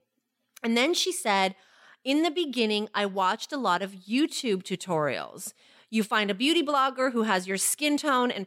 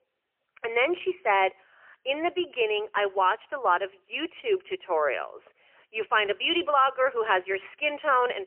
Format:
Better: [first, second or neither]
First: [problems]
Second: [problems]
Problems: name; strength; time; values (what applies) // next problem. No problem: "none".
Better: first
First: none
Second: phone-call audio; poor line; nothing above 3 kHz